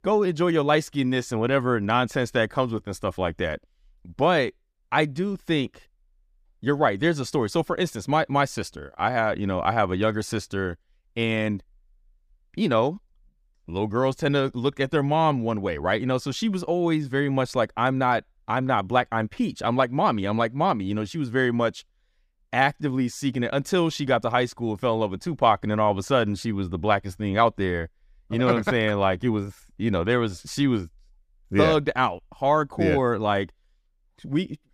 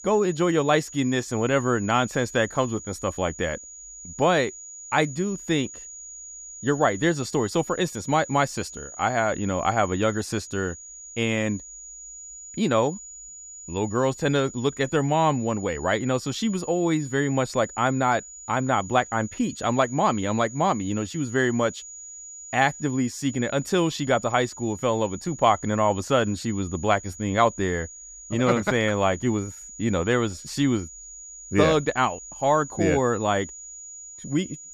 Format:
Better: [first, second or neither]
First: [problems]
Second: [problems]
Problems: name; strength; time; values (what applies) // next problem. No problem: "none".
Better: first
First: none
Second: high-pitched whine; noticeable; throughout; 7 kHz, 15 dB below the speech